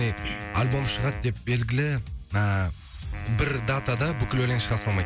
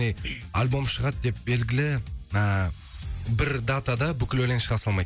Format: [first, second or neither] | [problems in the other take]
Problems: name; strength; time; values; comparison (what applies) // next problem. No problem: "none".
second | background sound (Wind instrument, woodwind instrument); 13 dB below the speech